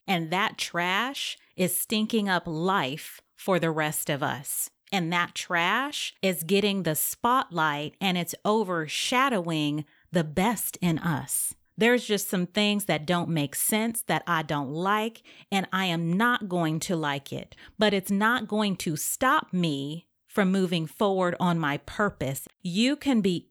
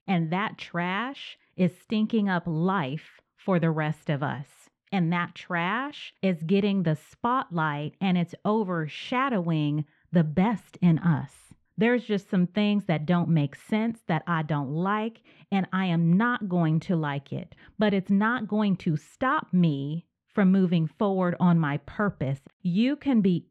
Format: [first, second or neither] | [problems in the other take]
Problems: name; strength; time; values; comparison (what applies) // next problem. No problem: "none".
first | muffled; slightly; fading above 2.5 kHz